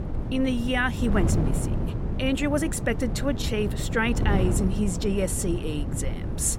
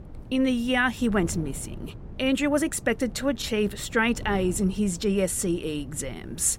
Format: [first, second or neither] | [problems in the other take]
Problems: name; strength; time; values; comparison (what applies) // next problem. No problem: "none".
second | wind noise on the microphone; heavy; 9 dB below the speech; occasional gusts in the second